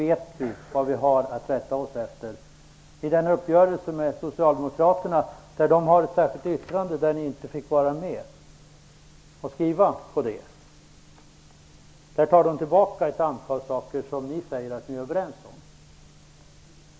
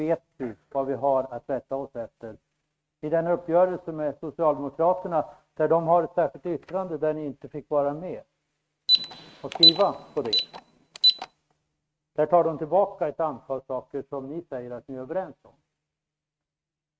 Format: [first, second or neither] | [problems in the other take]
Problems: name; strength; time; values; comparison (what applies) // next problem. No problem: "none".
first | noise reduction (neural mask model RNNoise)